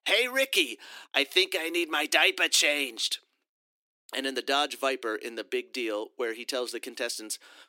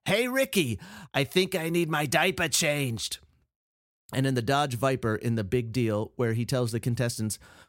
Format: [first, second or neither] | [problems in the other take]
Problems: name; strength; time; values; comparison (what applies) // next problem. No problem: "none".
second | thin; somewhat; fading below 300 Hz